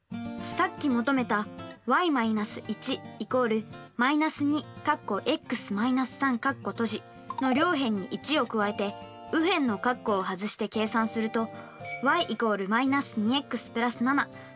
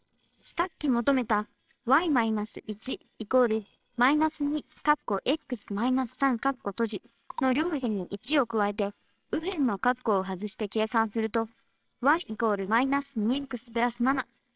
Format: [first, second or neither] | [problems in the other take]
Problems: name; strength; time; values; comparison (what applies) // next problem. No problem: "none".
first | noise reduction (neural separator model SepFormer WHAMR!)